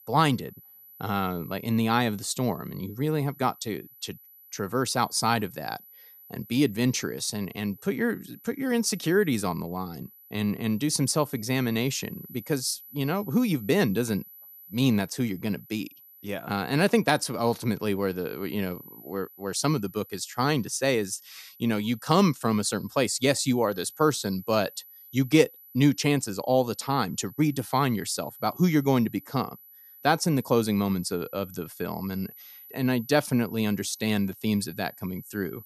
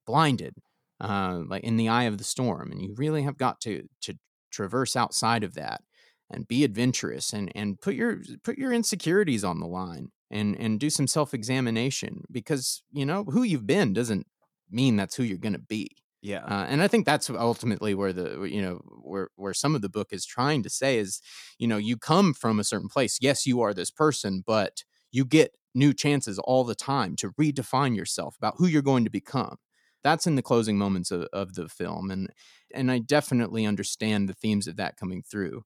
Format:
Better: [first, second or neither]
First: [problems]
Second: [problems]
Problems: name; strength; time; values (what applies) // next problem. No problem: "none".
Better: second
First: high-pitched whine; noticeable; throughout; 12 kHz, 20 dB below the speech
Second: none